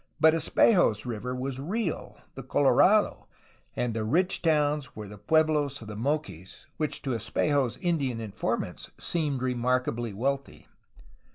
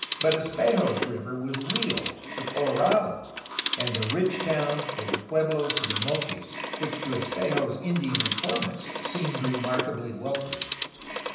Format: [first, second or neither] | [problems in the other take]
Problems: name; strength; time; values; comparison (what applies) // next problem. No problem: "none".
first | background sound (Telephone); 4 dB below the speech // room echo; dies away in 0.9 s